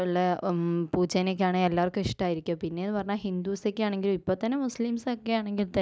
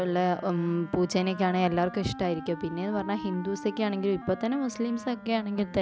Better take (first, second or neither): first